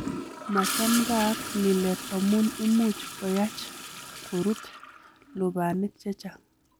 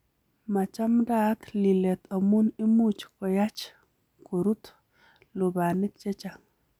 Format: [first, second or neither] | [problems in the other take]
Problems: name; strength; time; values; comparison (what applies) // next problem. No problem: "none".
second | background sound (Toilet flush / Gurgling); 8 dB below the speech